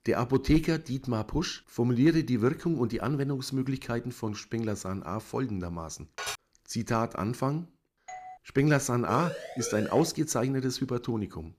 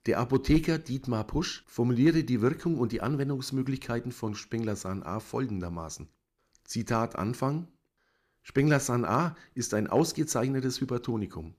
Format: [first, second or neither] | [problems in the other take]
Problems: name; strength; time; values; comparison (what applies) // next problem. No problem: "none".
second | clattering dishes; noticeable; at 6 s; peak 6 dB below the speech // doorbell; faint; at 8 s; peak 15 dB below the speech // siren; noticeable; from 9 to 10 s; peak 8 dB below the speech